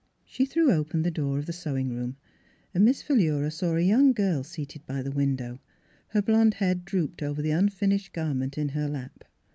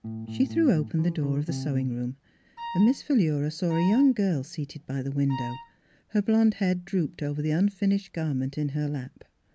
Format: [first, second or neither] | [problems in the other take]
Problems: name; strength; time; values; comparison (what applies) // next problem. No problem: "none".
first | background sound (Bass guitar + Wind instrument, woodwind instrument); 11 dB below the speech